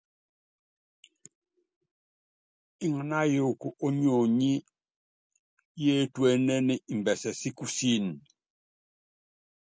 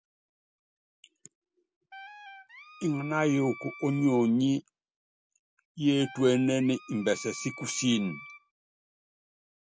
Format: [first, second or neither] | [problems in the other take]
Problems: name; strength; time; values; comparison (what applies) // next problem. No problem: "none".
first | background sound (Wind instrument, woodwind instrument); 16 dB below the speech